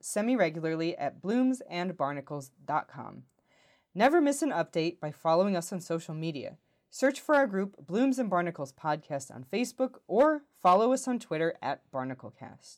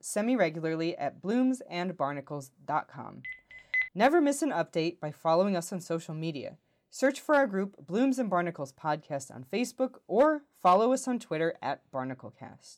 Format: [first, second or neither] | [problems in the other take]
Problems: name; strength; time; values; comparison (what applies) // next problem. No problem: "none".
first | phone ringing; noticeable; at 3 s; peak 1 dB below the speech